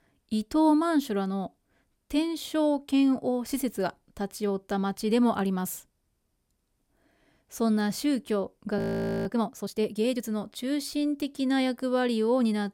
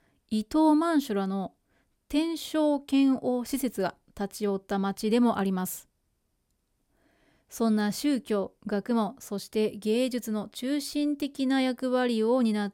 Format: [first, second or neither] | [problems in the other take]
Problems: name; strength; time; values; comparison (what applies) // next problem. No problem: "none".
second | audio freezing; at 9 s